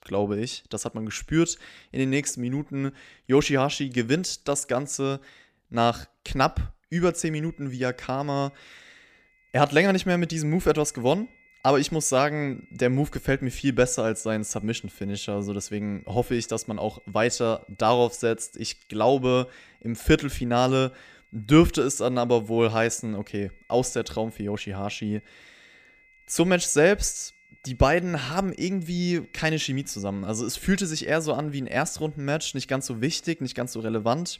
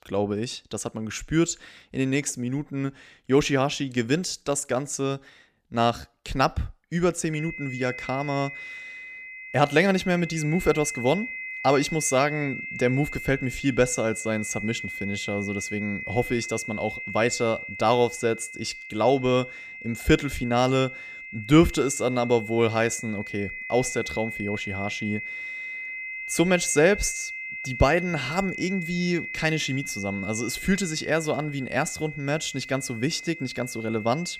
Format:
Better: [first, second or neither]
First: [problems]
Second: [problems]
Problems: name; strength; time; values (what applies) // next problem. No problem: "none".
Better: first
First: high-pitched whine; faint; from 7.5 s on; 2 kHz, 30 dB below the speech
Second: high-pitched whine; loud; from 7.5 s on; 2 kHz, 9 dB below the speech